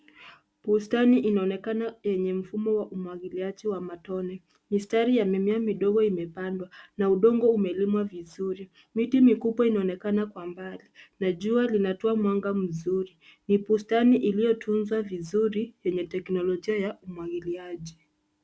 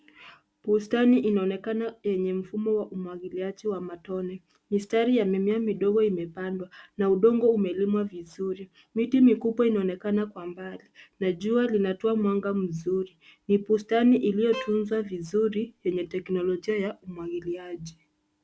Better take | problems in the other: first | background sound (Bowed string instrument); 16 dB below the speech

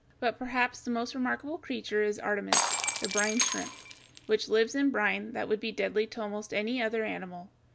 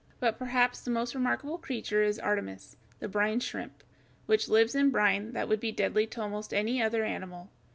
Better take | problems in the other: second | background sound (Shatter); 1 dB below the speech

